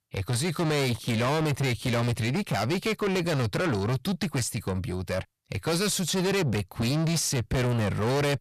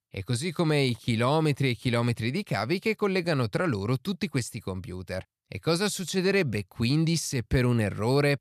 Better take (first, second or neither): second